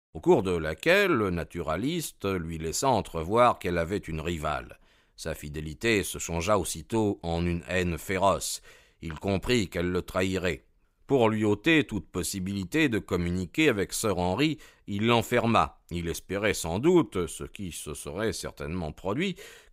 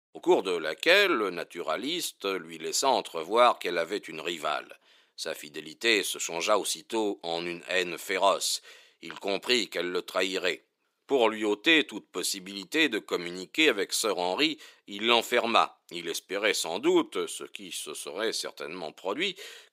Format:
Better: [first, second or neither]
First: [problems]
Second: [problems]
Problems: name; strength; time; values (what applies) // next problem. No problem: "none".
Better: first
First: none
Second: thin; somewhat; fading below 300 Hz